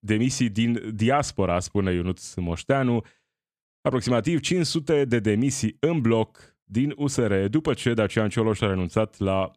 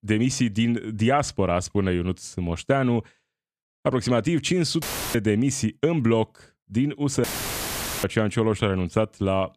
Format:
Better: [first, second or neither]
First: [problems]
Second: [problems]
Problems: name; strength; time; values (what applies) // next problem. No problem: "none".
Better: first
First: none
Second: audio cutting out; filled with static; at 5 s and at 7 s for 1 s